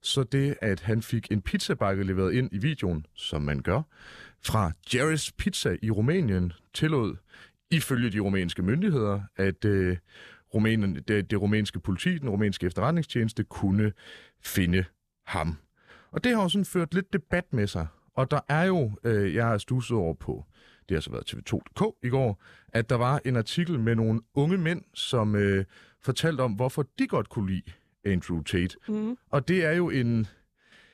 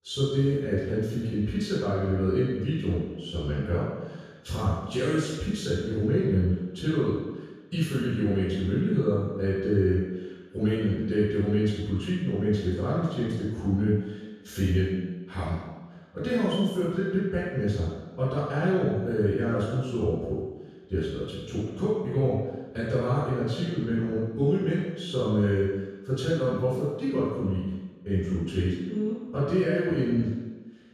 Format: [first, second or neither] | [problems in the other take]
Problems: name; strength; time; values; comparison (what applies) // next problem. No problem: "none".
first | room echo; strong; dies away in 1.2 s // off-mic speech; far